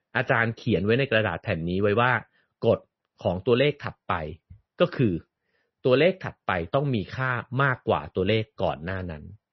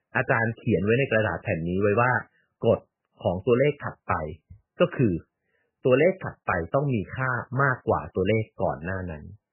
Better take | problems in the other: first | garbled, watery; badly; nothing above 3 kHz; slightly in the first

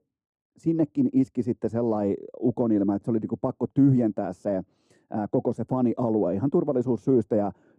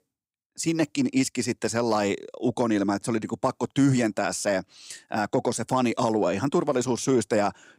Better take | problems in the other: second | muffled; very; fading above 1 kHz

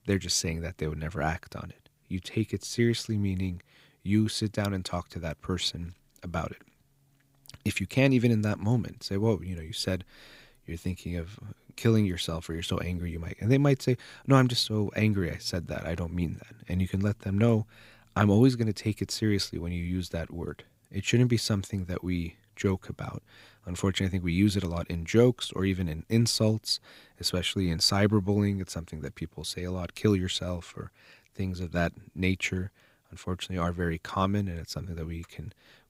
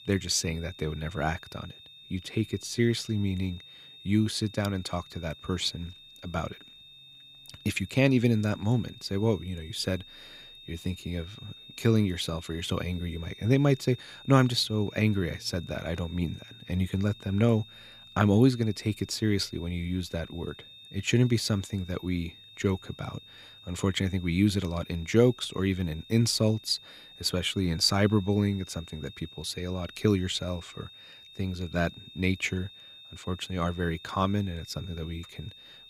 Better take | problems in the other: first | high-pitched whine; noticeable; throughout; 3.5 kHz, 20 dB below the speech

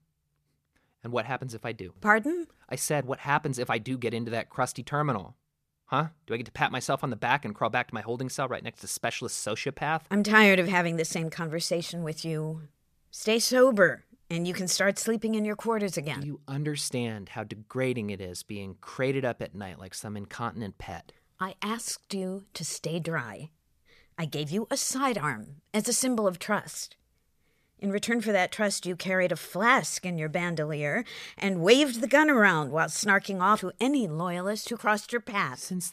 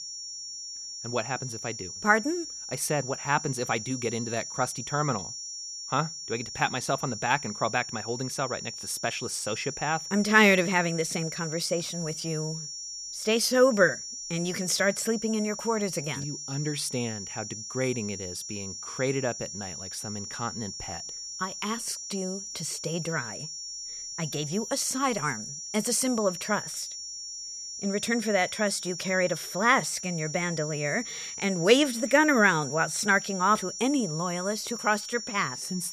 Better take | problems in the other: first | high-pitched whine; loud; throughout; 5.5 kHz, 8 dB below the speech

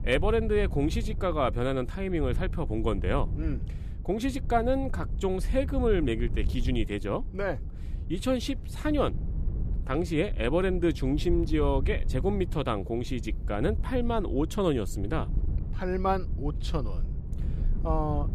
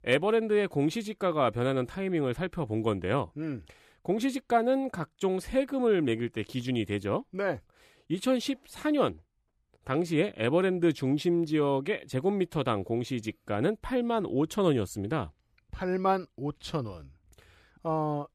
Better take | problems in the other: second | wind noise on the microphone; occasional gusts; 20 dB below the speech

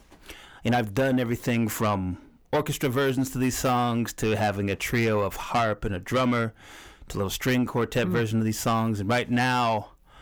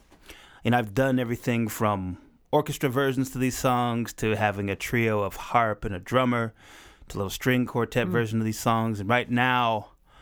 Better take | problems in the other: second | distortion; slight; 10 dB below the speech

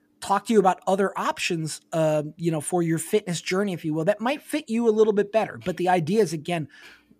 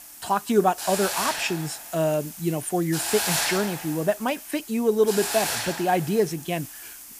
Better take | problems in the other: first | hiss; loud; throughout; 5 dB below the speech

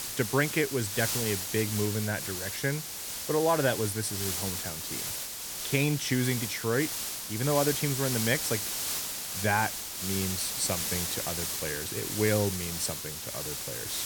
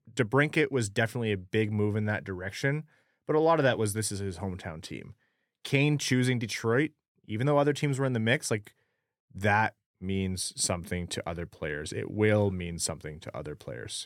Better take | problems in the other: second | hiss; loud; throughout; 1 dB below the speech

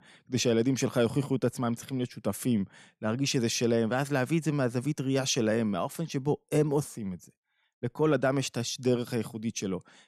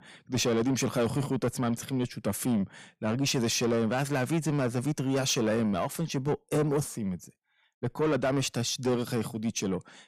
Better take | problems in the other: first | distortion; slight; 10 dB below the speech

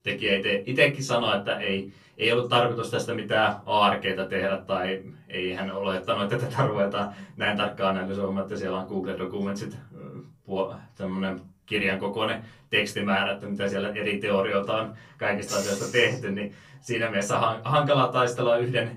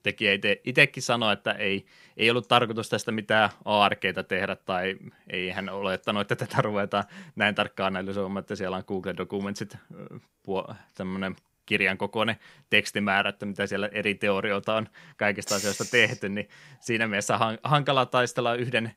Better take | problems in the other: second | off-mic speech; far // room echo; very slight; dies away in 0.3 s

